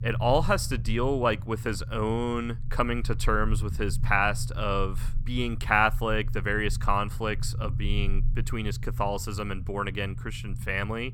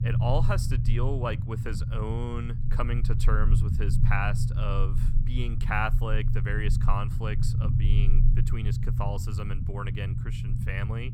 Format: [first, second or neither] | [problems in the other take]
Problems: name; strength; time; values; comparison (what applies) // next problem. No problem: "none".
first | low rumble; loud; throughout; 7 dB below the speech; faint in the first